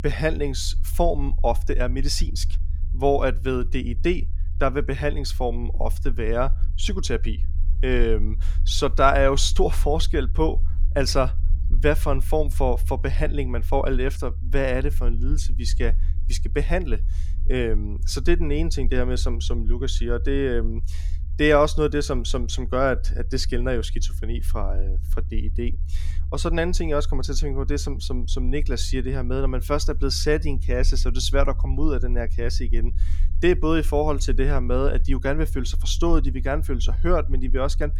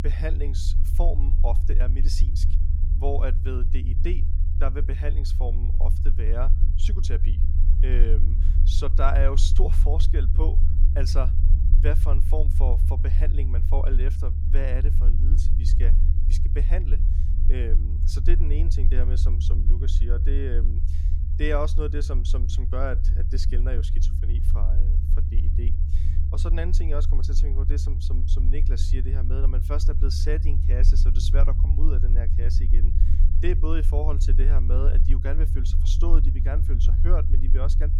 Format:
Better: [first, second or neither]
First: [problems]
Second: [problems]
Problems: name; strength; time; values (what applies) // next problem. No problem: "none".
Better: first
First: low rumble; faint; throughout; 25 dB below the speech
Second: low rumble; loud; throughout; 7 dB below the speech